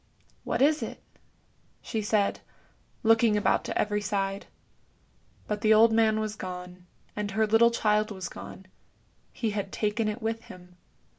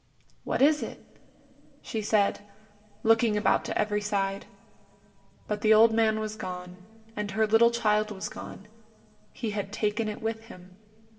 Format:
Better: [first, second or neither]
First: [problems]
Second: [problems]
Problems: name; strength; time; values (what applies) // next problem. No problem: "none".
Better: first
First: none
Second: room echo; dies away in 2 s